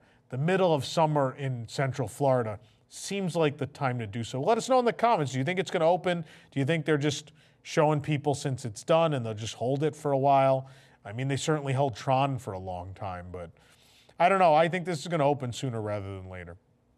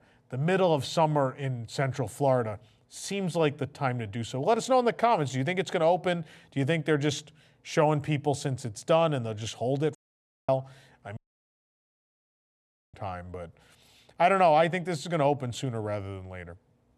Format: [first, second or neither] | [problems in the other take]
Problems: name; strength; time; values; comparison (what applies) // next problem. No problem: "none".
first | audio cutting out; at 10 s for 0.5 s and at 11 s for 2 s